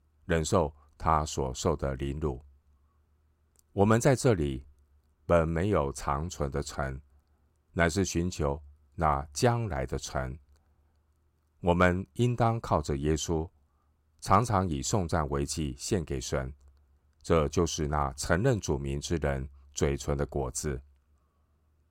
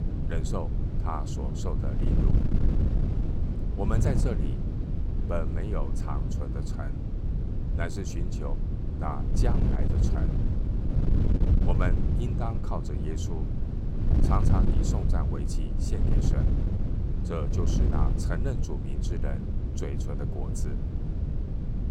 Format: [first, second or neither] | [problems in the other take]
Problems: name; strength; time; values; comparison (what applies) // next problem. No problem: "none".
first | wind noise on the microphone; heavy; 2 dB below the speech